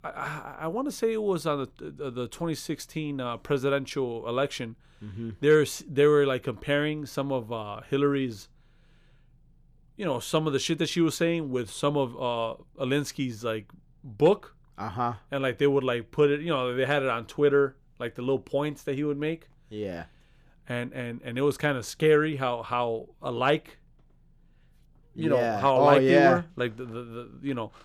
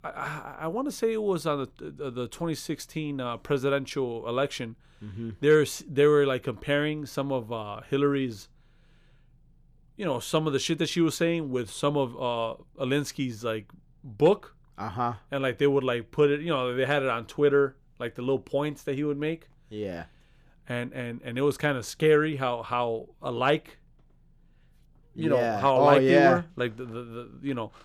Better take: neither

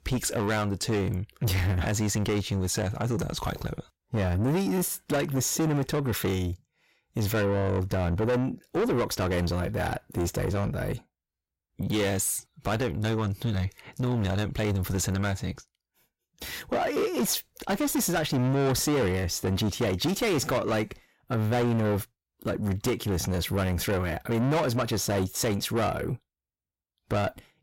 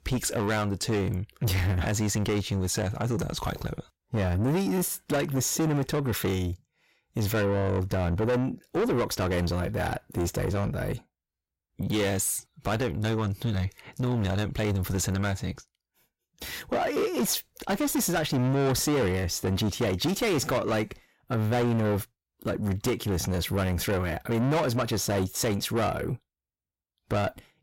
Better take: neither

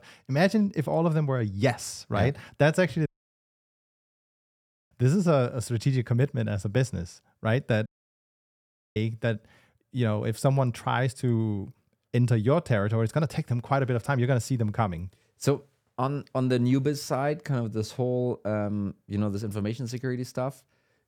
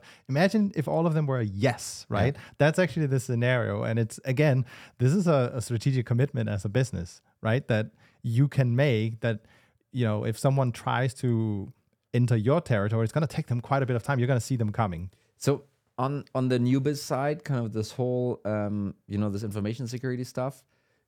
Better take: second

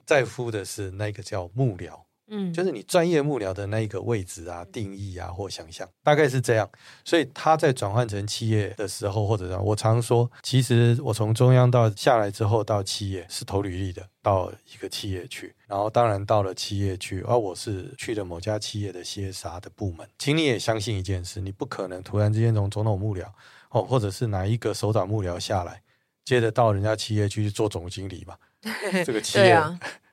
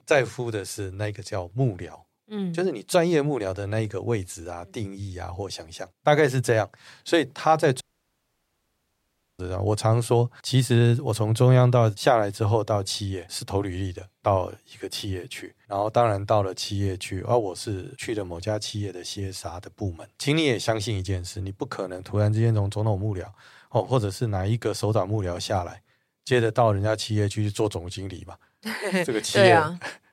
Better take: first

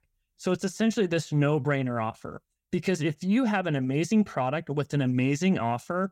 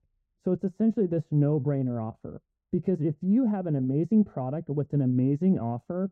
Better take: first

